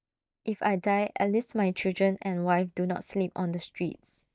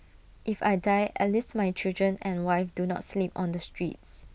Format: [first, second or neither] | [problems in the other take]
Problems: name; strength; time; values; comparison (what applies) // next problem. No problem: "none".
second | noise reduction (neural mask model DeepFilterNet 3)